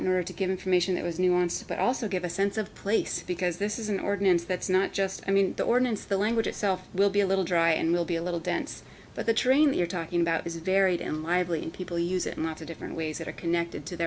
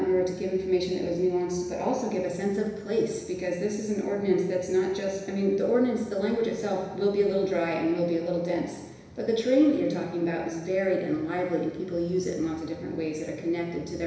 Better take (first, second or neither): first